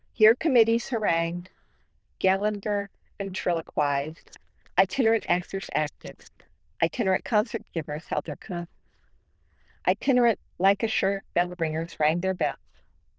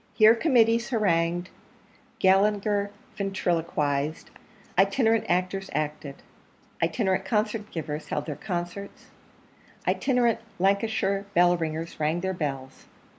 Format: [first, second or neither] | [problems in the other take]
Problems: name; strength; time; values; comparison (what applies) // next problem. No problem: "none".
second | noise reduction (neural diffusion model UNIVERSE++)